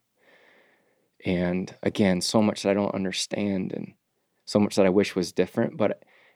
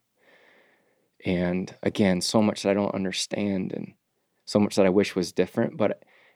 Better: neither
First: none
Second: none

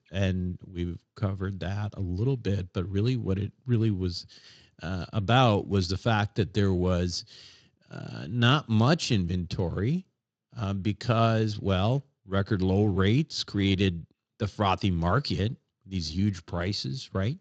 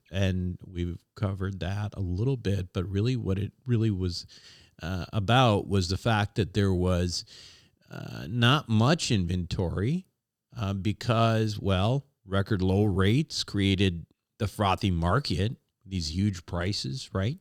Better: second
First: garbled, watery; slightly; nothing above 7.5 kHz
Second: none

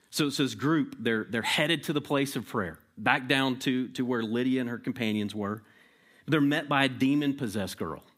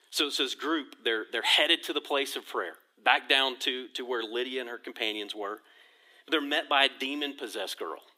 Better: first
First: none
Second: thin; somewhat; fading below 350 Hz

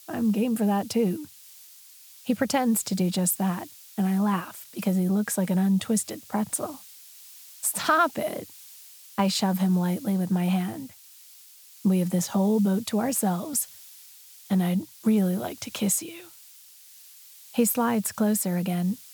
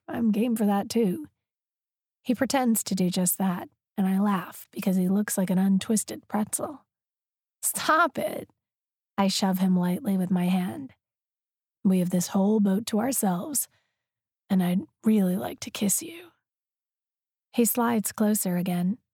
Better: second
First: hiss; faint; throughout; 20 dB below the speech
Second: none

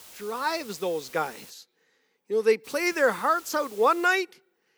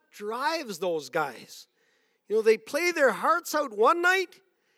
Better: second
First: hiss; faint; until 1.5 s and from 2.5 to 4 s; 20 dB below the speech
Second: none

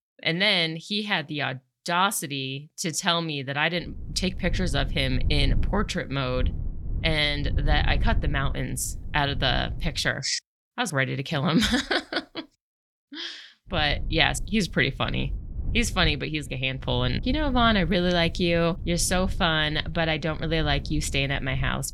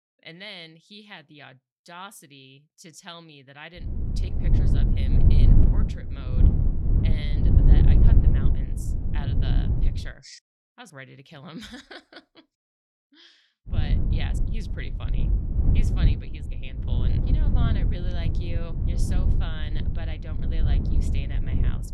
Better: first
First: wind noise on the microphone; occasional gusts; from 4 to 10 s and from 14 s on; 25 dB below the speech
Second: wind noise on the microphone; heavy; from 4 to 10 s and from 14 s on; 3 dB above the speech

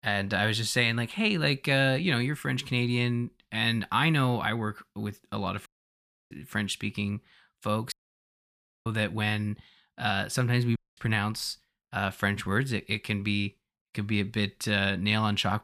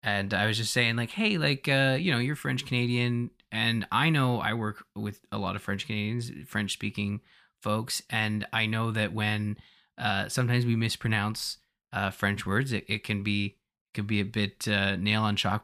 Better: second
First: audio cutting out; at 5.5 s for 0.5 s, at 8 s for 1 s and at 11 s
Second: none

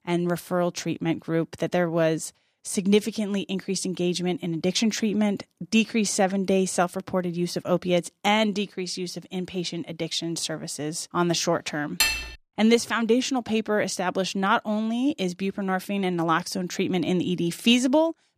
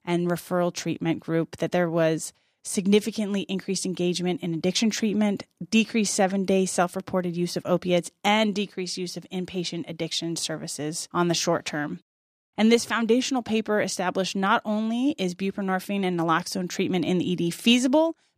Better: second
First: clattering dishes; loud; at 12 s; peak 2 dB above the speech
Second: none

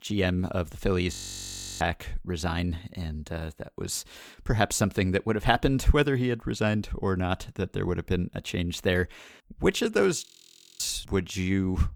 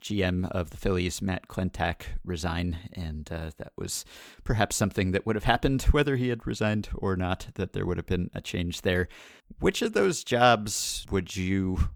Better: second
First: audio freezing; at 1 s for 0.5 s and at 10 s for 0.5 s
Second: none

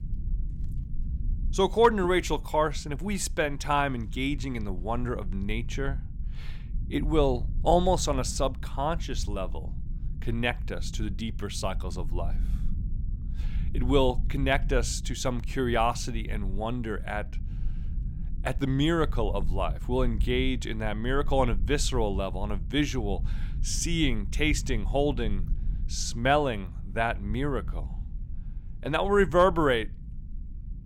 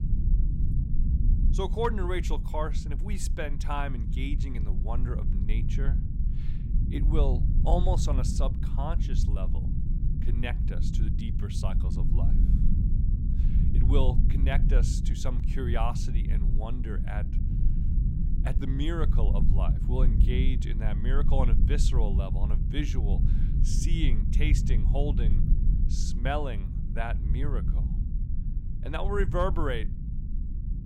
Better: first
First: low rumble; faint; throughout; 25 dB below the speech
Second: low rumble; loud; throughout; 8 dB below the speech

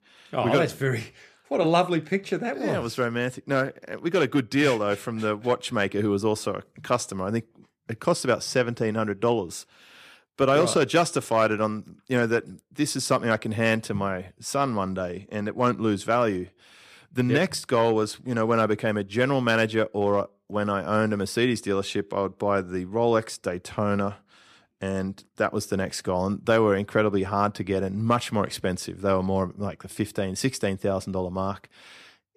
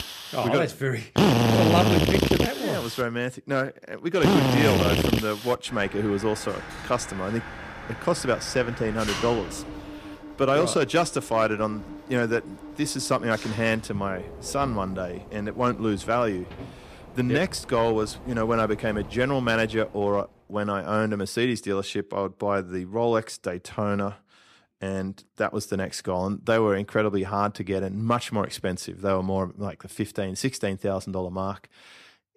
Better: first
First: none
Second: machinery noise; very loud; until 20 s; as loud as the speech

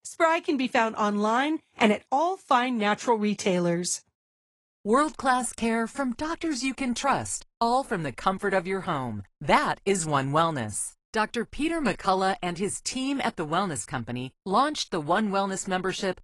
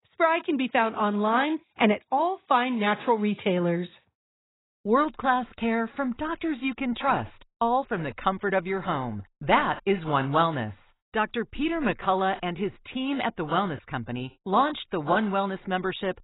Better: first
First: garbled, watery; slightly; nothing above 10.5 kHz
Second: garbled, watery; badly; nothing above 4 kHz

